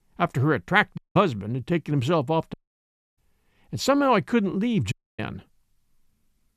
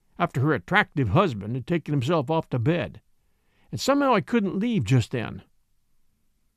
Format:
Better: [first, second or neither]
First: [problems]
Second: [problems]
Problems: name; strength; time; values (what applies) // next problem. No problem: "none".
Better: second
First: audio cutting out; at 1 s, at 2.5 s for 0.5 s and at 5 s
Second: none